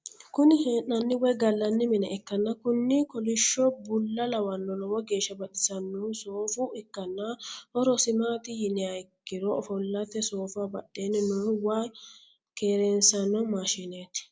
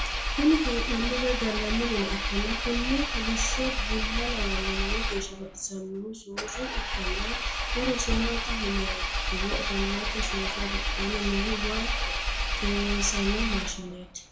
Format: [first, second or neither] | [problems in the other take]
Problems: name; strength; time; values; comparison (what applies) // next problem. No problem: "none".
first | background sound (Engine); 2 dB above the speech // room echo; dies away in 0.3 s